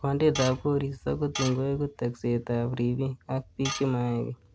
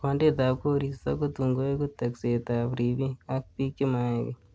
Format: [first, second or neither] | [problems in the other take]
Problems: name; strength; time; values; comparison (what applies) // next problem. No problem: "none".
second | background sound (Tools); 11 dB below the speech